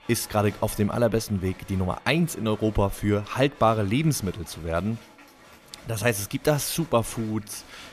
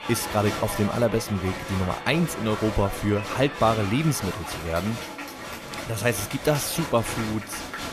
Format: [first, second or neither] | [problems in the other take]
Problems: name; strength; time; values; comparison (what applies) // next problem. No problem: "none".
first | crowd noise; loud; throughout; 7 dB below the speech; faint in the first